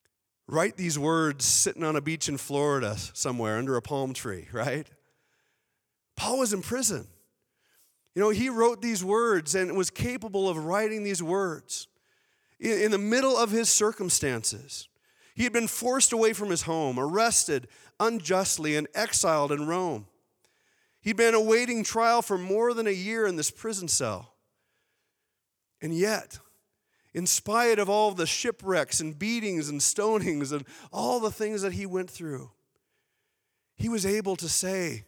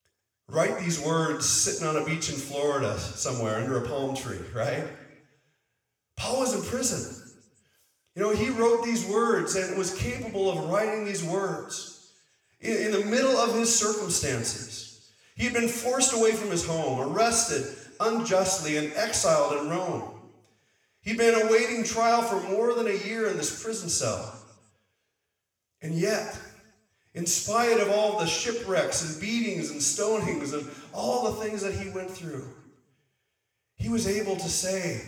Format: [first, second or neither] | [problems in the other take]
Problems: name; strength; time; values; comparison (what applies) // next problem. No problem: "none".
first | room echo; slight; dies away in 1 s // off-mic speech; somewhat distant